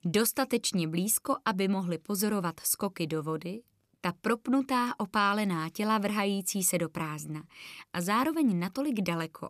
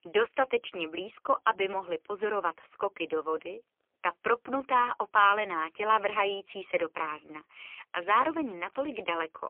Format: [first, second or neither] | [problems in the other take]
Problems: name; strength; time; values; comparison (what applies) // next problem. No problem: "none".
first | phone-call audio; poor line; nothing above 3 kHz